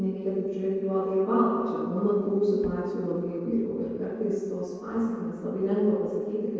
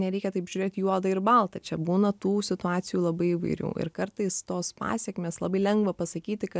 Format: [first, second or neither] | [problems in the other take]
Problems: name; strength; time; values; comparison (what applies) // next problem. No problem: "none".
second | noise reduction (neural separator model SepFormer DNS4)